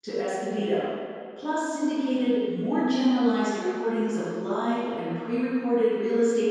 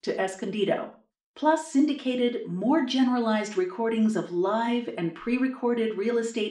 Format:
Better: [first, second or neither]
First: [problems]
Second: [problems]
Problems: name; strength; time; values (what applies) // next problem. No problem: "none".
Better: second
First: room echo; strong; dies away in 1.8 s // off-mic speech; far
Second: room echo; slight; dies away in 0.4 s // off-mic speech; somewhat distant